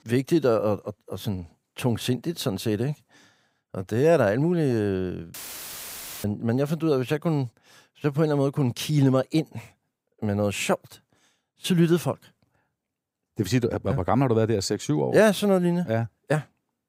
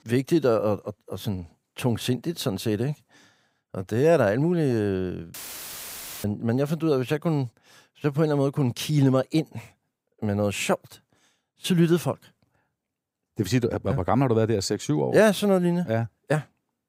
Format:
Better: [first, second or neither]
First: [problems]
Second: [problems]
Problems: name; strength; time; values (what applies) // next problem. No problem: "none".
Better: neither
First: audio cutting out; filled with static; at 5.5 s for 1 s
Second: audio cutting out; filled with static; at 5.5 s for 1 s